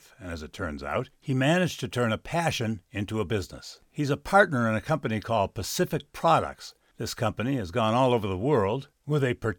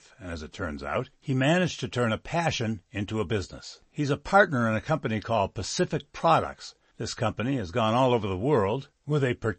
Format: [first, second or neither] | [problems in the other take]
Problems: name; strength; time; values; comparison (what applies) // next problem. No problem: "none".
first | garbled, watery; slightly; nothing above 8 kHz